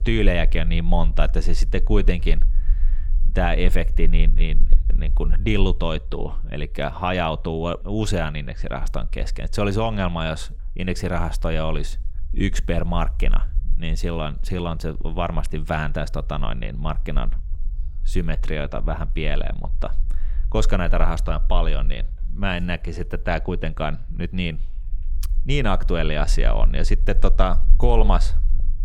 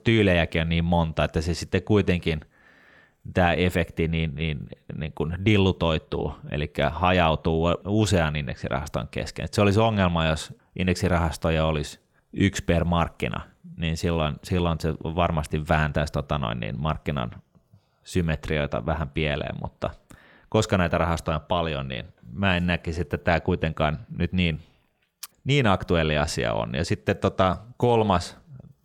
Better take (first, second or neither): second